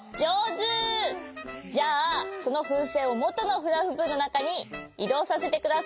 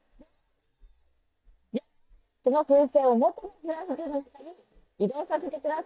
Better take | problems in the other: first | noise reduction (neural mask model DeepFilterNet 3)

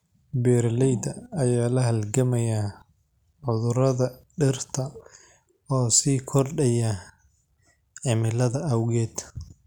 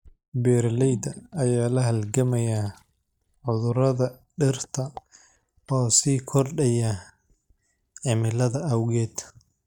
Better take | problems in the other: first | noise reduction (neural mask model DeepFilterNet 3)

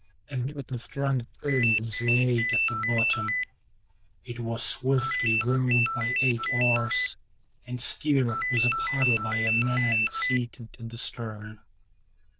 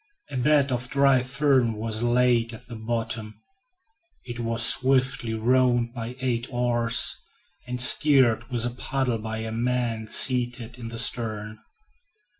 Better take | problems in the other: second | noise reduction (neural diffusion model UNIVERSE++)

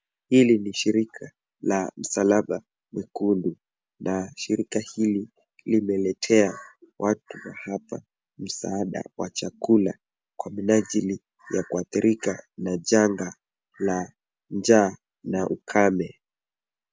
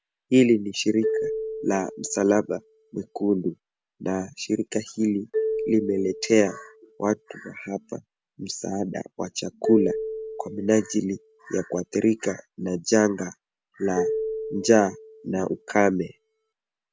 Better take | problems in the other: first | background sound (Marimba, xylophone); 9 dB below the speech

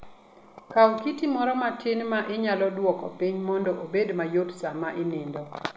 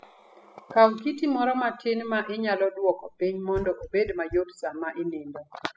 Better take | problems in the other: first | noise reduction (classical method spectral subtraction)

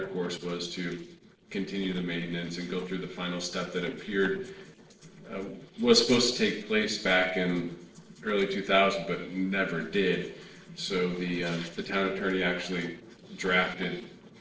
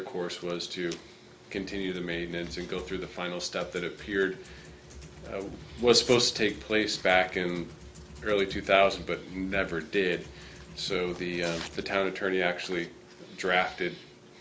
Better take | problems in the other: second | noise reduction (neural separator model SepFormer DNS4)

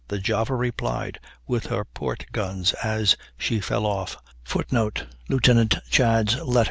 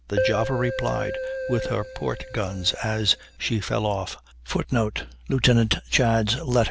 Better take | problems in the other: first | background sound (Keyboard (musical)); 6 dB below the speech

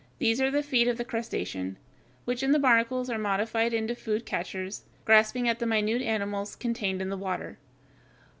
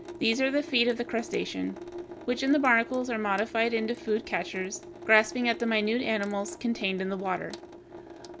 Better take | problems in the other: first | background sound (Drip / Sink (filling or washing) / Water tap, faucet); 15 dB below the speech

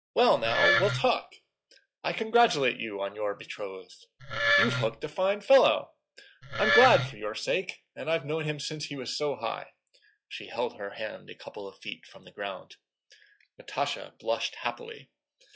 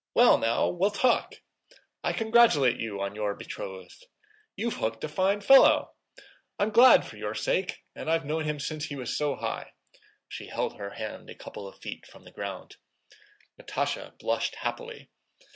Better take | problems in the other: second | noise reduction (classical method log-MMSE)

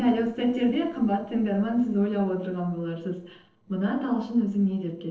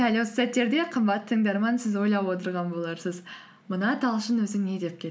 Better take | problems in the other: second | noise reduction (neural separator model SepFormer DNS4)

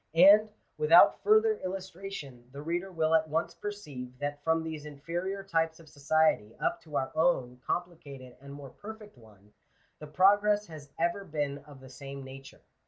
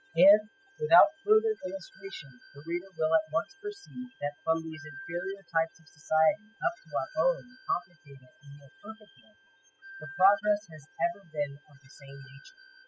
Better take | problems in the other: first | noise reduction (classical method spectral subtraction)

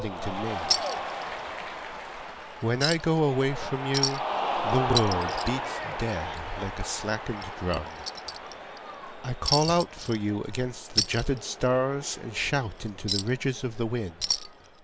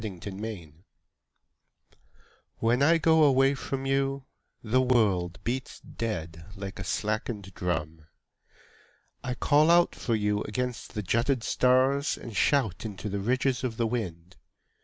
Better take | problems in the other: second | background sound (Chink, clink + Cheering); 3 dB below the speech

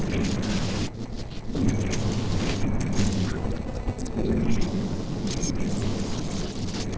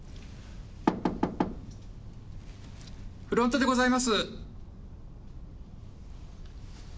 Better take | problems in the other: second | noise reduction (neural separator model SepFormer DNS4)

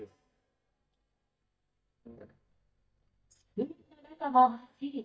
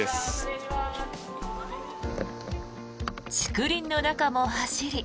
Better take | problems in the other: second | noise reduction (neural mask model DeepFilterNet 3)

